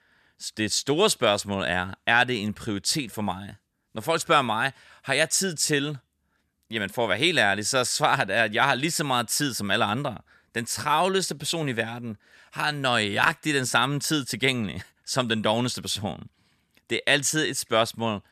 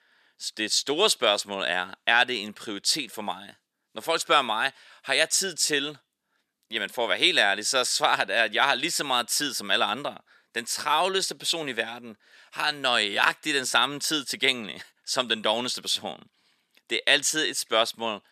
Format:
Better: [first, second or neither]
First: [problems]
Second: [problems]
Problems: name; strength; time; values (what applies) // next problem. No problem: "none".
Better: first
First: none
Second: thin; somewhat; fading below 350 Hz